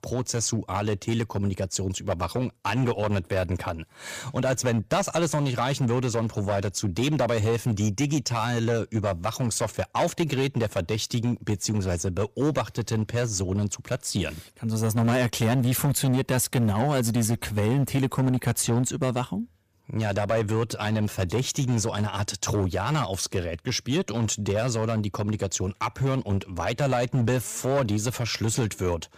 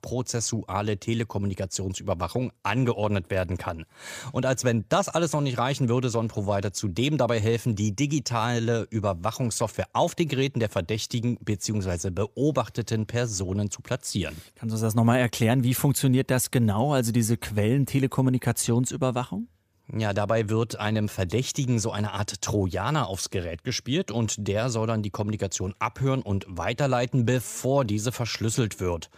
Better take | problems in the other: second | distortion; slight; 7% of the sound clipped

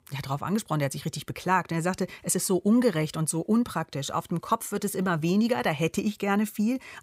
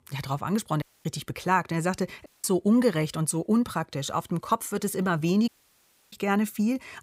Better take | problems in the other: first | audio cutting out; at 1 s, at 2.5 s and at 5.5 s for 0.5 s

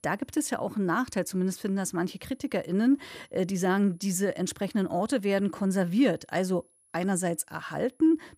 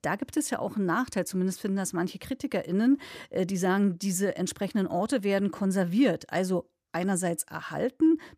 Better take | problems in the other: second | high-pitched whine; faint; throughout; 10.5 kHz, 35 dB below the speech

